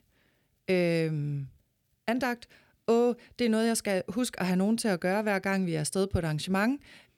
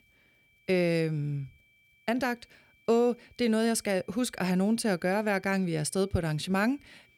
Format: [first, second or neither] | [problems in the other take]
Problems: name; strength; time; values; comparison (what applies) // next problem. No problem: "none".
first | high-pitched whine; faint; throughout; 2.5 kHz, 35 dB below the speech